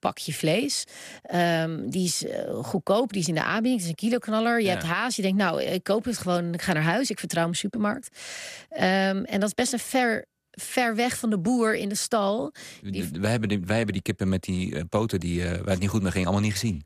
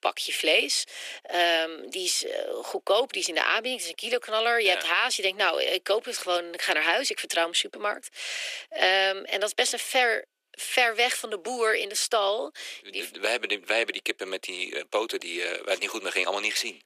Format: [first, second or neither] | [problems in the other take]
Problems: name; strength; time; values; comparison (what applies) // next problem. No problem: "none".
first | thin; very; fading below 350 Hz